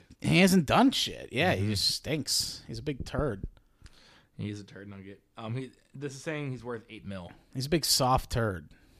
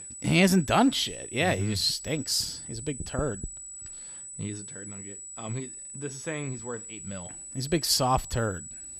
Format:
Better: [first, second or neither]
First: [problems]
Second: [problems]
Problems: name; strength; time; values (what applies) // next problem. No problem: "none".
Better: first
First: none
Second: high-pitched whine; noticeable; throughout; 8 kHz, 10 dB below the speech